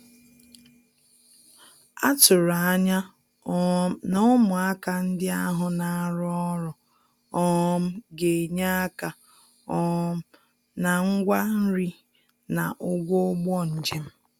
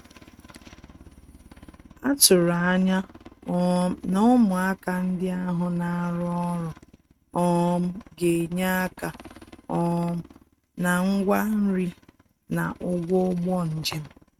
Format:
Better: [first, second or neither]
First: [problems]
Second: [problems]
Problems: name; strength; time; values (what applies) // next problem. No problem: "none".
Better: first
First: none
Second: noise reduction (neural mask model RNNoise)